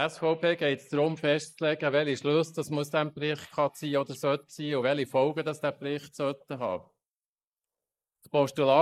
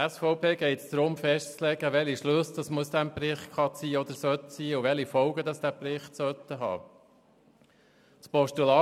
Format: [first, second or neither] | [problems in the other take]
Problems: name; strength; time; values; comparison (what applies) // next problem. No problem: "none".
second | noise reduction (neural mask model Resemble Enhance denoiser)